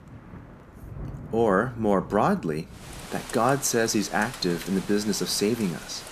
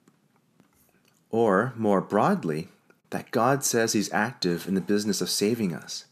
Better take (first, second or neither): second